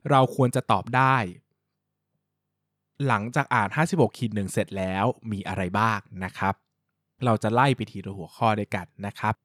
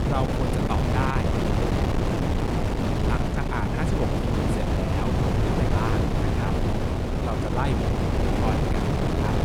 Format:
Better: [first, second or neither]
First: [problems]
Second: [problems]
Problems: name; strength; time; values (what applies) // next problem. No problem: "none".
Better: first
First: none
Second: wind noise on the microphone; heavy; 4 dB above the speech